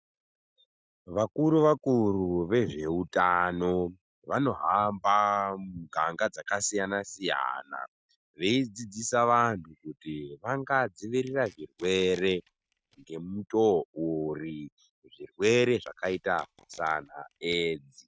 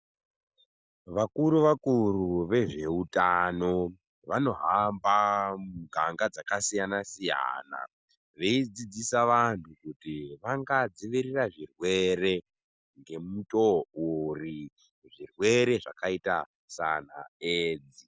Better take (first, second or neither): second